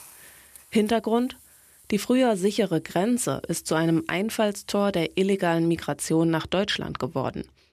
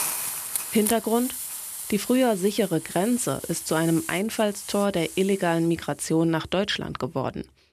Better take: first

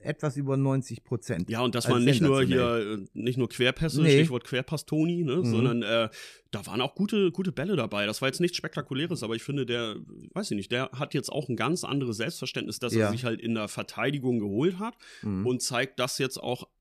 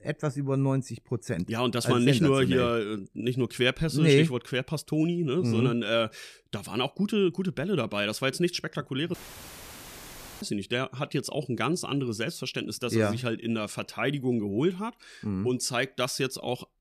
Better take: first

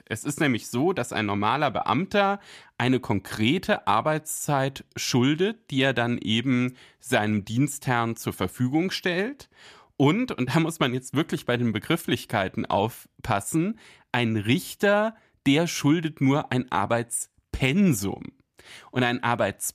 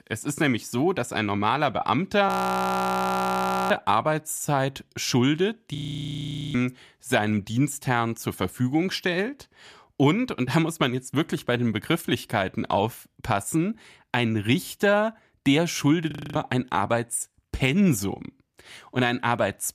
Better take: first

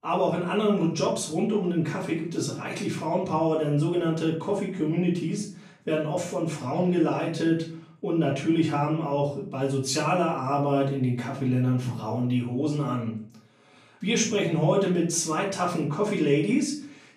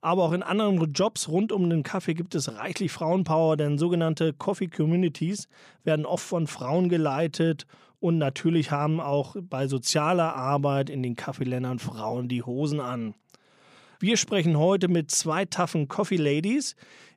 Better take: second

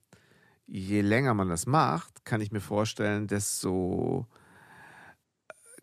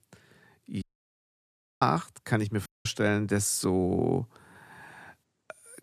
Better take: first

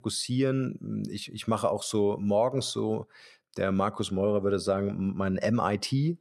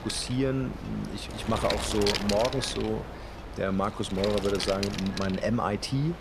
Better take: first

